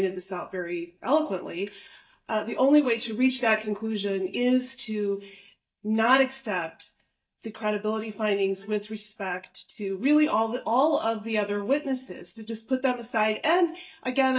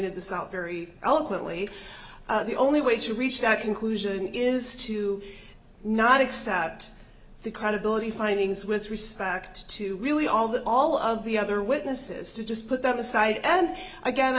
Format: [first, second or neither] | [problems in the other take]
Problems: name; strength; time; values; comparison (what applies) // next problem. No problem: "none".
second | noise reduction (neural mask model DeepFilterNet 3)